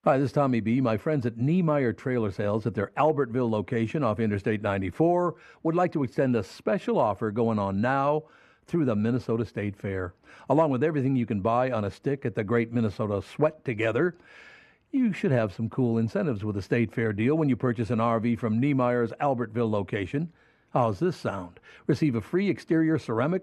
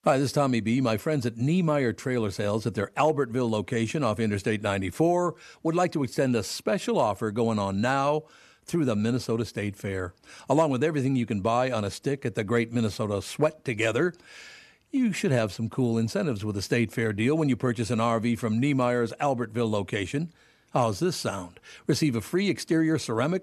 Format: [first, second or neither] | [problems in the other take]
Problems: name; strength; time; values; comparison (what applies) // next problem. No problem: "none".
second | muffled; slightly; fading above 3.5 kHz